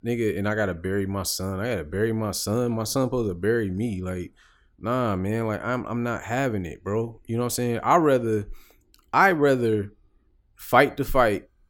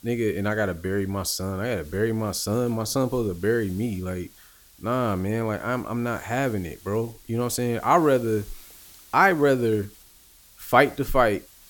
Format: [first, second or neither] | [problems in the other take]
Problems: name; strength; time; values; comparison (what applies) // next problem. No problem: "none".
first | hiss; faint; throughout; 25 dB below the speech